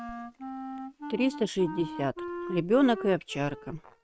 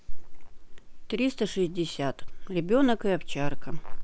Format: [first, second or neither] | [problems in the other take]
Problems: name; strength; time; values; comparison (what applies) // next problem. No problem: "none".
second | noise reduction (neural mask model RNNoise)